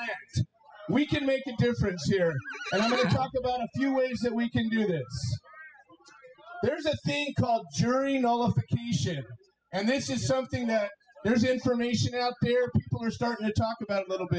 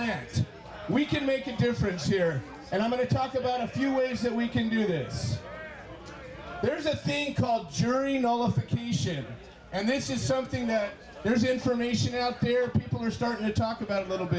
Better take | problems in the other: second | noise reduction (classical method spectral subtraction)

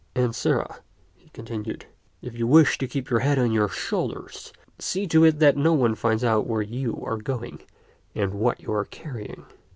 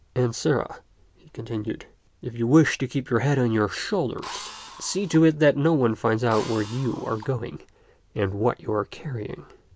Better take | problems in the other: first | background sound (Drill); 17 dB below the speech

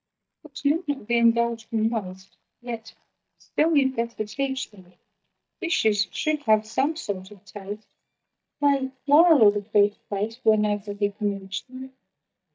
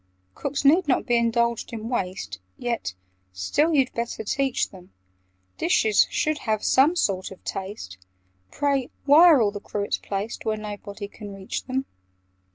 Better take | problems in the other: second | noise reduction (neural mask model DeepFilterNet 3)

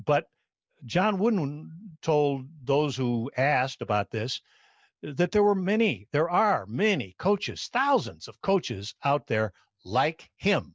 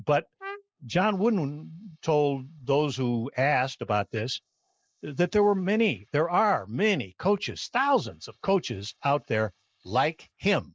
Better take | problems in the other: first | noise reduction (neural mask model Resemble Enhance denoiser)

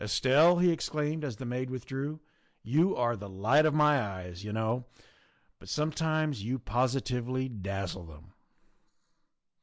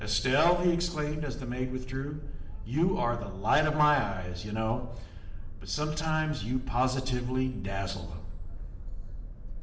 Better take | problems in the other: first | background sound (Boat, Water vehicle); 6 dB below the speech // room echo; dies away in 0.7 s

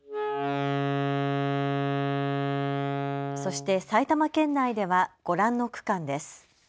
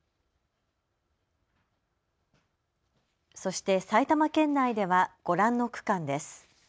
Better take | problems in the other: second | background sound (Wind instrument, woodwind instrument); 1 dB below the speech

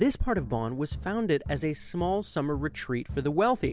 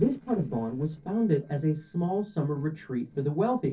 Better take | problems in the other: first | noise reduction (neural separator model SepFormer DNS4)

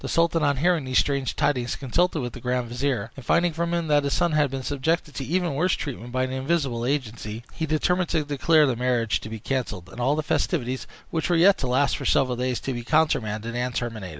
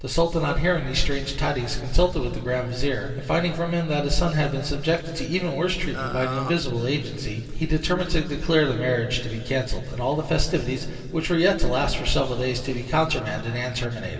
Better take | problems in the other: first | background sound (Burping, eructation); 9 dB below the speech // room echo; dies away in 2.6 s

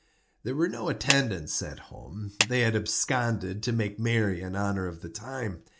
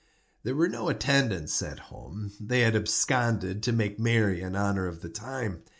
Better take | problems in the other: second | background sound (Clapping); 5 dB below the speech

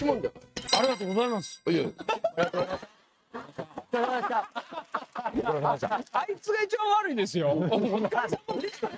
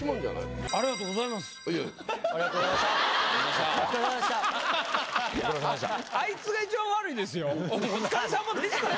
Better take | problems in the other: second | noise reduction (neural mask model RNNoise)

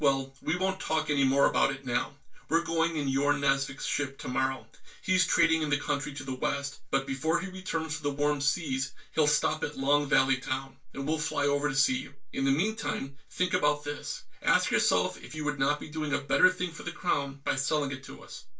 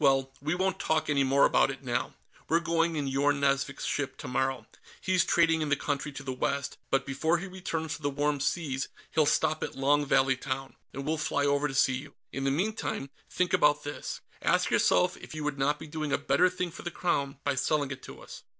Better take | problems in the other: second | room echo; dies away in 0.2 s

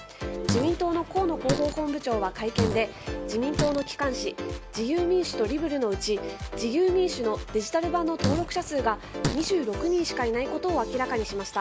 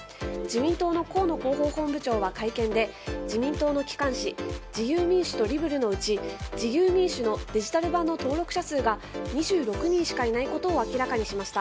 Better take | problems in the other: second | background sound (Fart); 5 dB below the speech

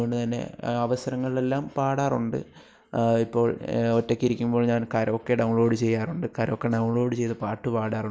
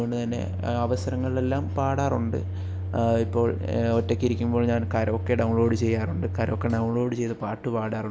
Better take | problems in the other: first | background sound (Microwave oven); 5 dB below the speech

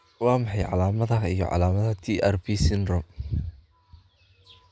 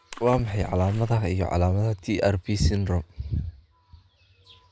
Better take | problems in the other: first | background sound (Water / Splash, splatter); 14 dB below the speech

